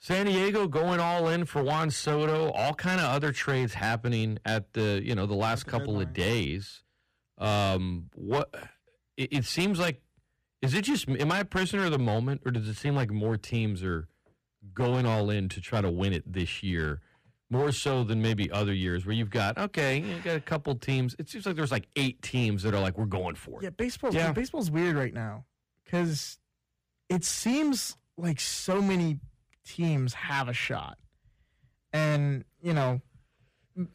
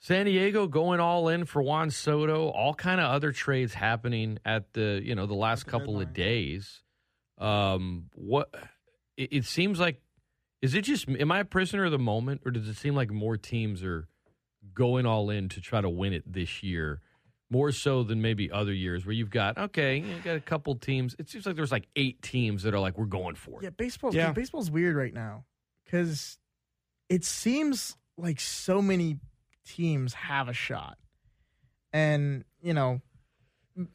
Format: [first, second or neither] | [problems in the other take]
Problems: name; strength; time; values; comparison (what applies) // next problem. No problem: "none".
second | distortion; slight; 9% of the sound clipped